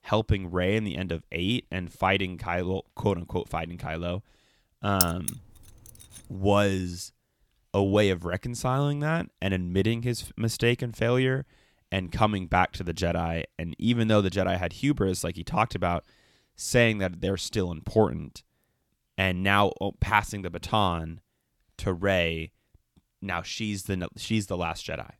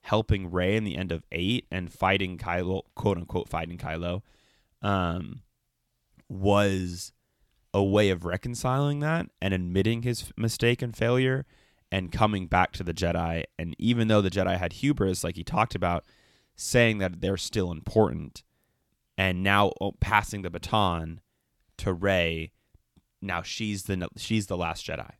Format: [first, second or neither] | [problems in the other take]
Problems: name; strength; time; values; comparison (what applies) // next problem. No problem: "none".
second | jangling keys; loud; at 5 s; peak 1 dB above the speech